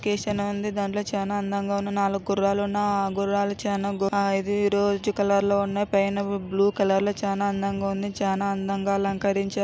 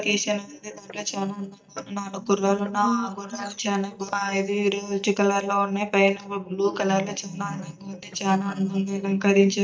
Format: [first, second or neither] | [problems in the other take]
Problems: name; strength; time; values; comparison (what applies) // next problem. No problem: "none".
first | noise reduction (neural mask model DeepFilterNet 3)